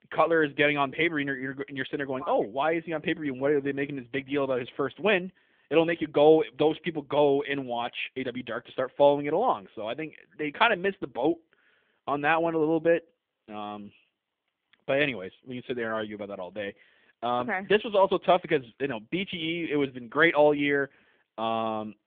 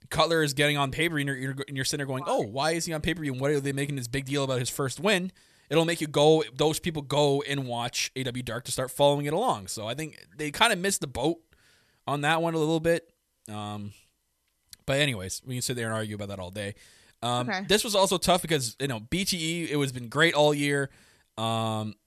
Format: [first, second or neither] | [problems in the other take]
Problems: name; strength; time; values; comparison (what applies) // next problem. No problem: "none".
second | phone-call audio; nothing above 3.5 kHz